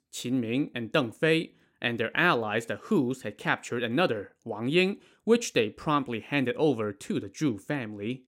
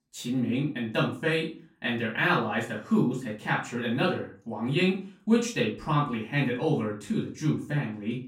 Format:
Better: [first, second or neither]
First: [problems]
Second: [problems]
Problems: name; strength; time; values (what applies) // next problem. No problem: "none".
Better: first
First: none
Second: off-mic speech; far // room echo; slight; dies away in 0.3 s